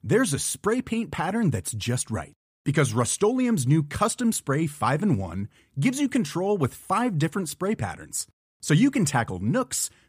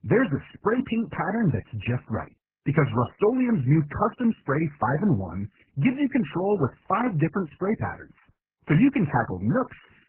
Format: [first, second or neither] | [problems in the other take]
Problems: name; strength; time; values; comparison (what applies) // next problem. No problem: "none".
first | garbled, watery; badly; nothing above 3 kHz